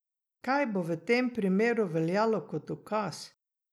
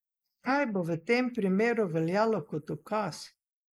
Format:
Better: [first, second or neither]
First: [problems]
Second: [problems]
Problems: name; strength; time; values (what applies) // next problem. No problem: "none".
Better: first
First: none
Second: noise reduction (neural mask model Resemble Enhance denoiser)